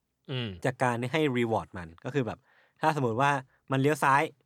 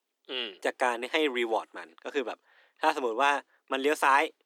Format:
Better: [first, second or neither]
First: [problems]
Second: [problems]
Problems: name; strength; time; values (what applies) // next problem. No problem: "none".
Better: first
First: none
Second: thin; somewhat; fading below 300 Hz